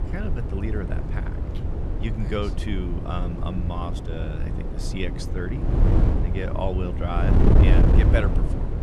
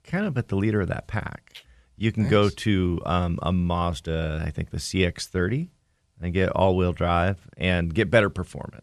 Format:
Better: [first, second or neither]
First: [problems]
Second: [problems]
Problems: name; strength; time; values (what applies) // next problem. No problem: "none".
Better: second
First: wind noise on the microphone; heavy; 1 dB below the speech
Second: none